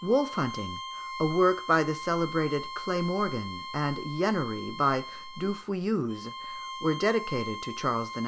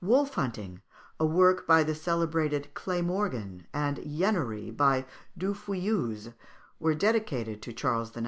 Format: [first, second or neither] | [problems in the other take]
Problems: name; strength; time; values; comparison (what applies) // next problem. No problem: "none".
second | background sound (Bowed string instrument); 10 dB below the speech